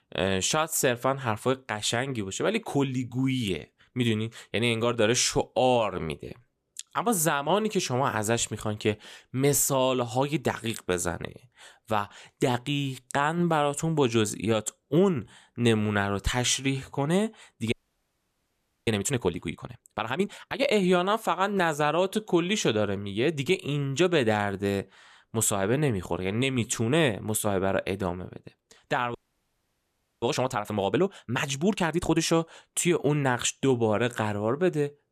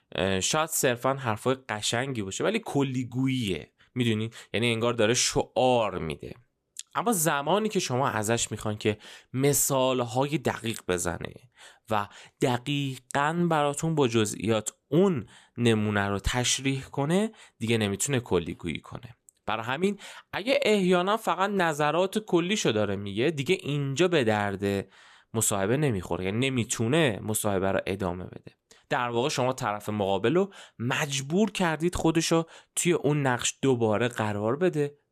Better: second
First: audio freezing; at 18 s for 1 s and at 29 s for 1 s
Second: none

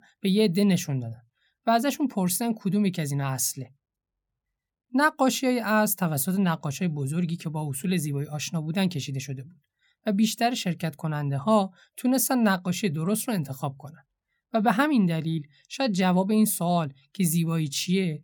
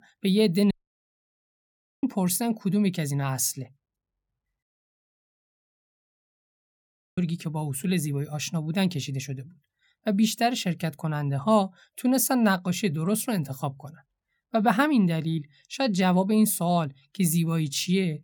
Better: first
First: none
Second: audio cutting out; at 0.5 s for 1.5 s and at 4.5 s for 2.5 s

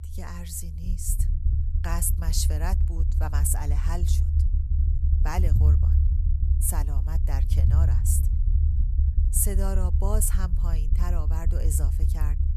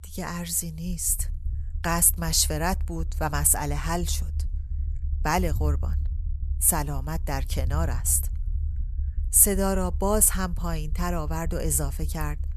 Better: second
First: low rumble; loud; throughout; 7 dB below the speech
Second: low rumble; faint; throughout; 25 dB below the speech

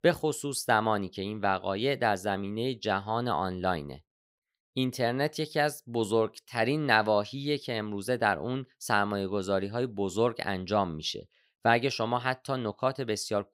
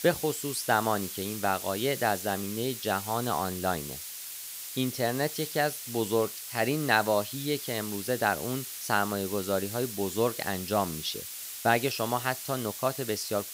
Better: first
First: none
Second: hiss; loud; throughout; 7 dB below the speech

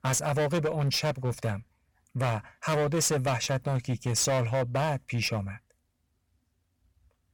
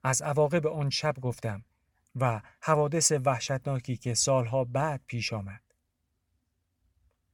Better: second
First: distortion; heavy; 14% of the sound clipped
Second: none

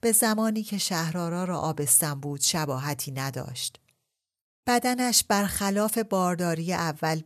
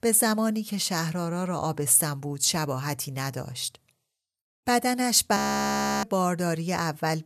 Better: first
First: none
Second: audio freezing; at 5.5 s for 0.5 s

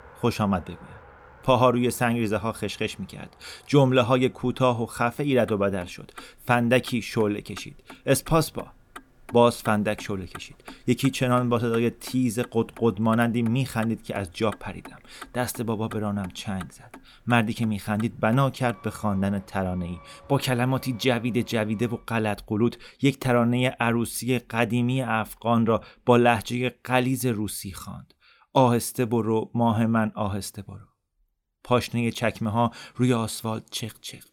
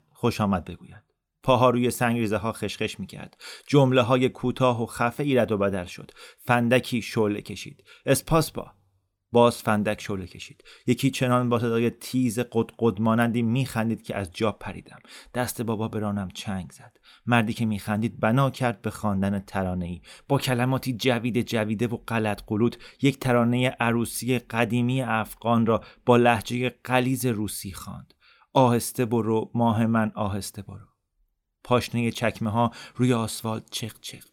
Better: second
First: traffic noise; faint; until 22 s; 25 dB below the speech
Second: none

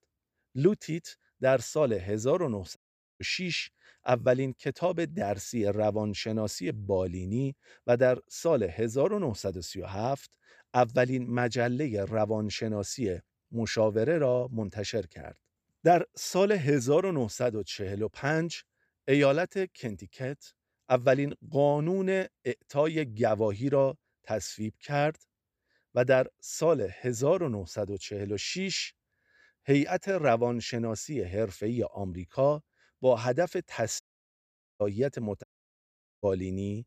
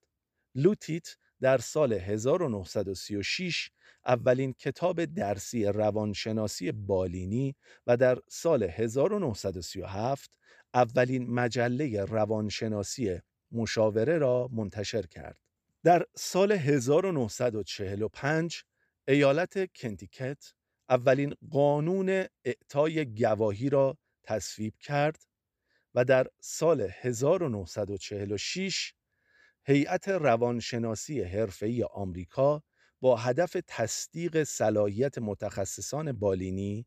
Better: second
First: audio cutting out; at 3 s, at 34 s for 1 s and at 35 s for 1 s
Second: none

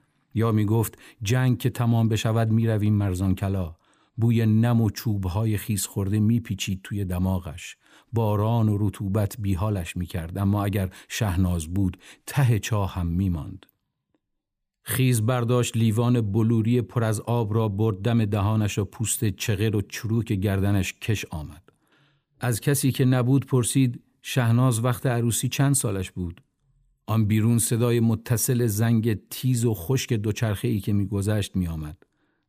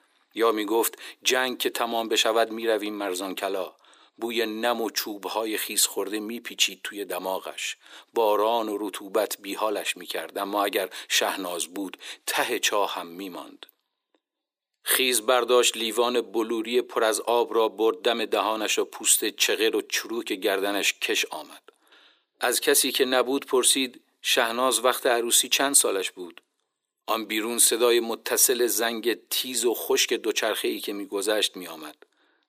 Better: first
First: none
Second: thin; very; fading below 350 Hz

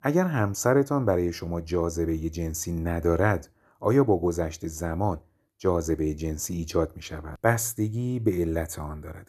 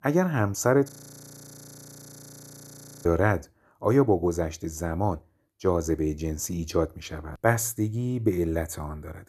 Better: first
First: none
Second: audio freezing; at 1 s for 2 s

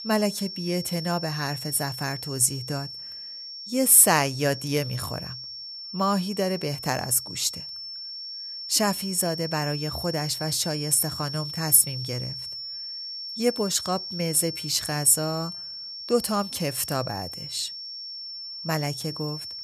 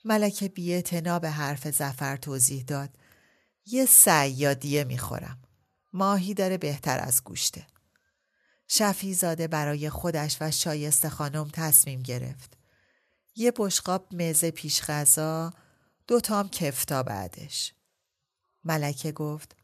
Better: second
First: high-pitched whine; loud; throughout; 5.5 kHz, 9 dB below the speech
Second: none

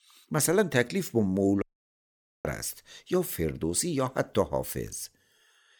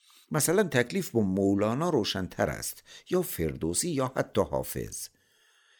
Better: second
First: audio cutting out; at 1.5 s for 1 s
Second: none

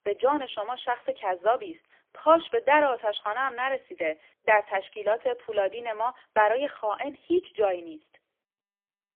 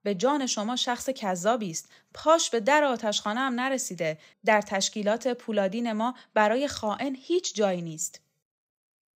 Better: second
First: phone-call audio; poor line; nothing above 3.5 kHz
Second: none

